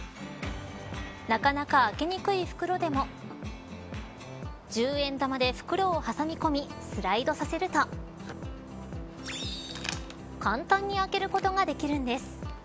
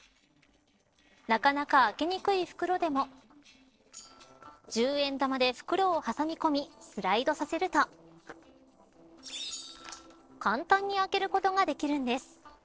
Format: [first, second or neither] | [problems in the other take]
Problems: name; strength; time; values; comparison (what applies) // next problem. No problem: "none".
first | noise reduction (neural separator model SepFormer DNS4)